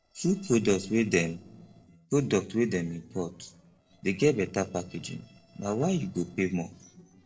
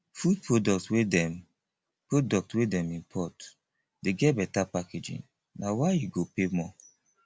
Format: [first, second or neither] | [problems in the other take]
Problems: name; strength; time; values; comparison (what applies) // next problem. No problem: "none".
second | noise reduction (neural separator model SepFormer DNS4)